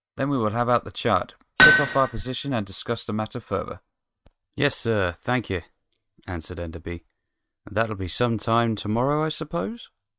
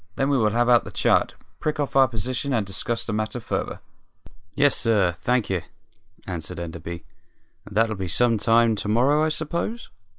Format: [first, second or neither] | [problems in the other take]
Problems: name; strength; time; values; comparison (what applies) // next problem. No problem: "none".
second | noise reduction (neural mask model RNNoise)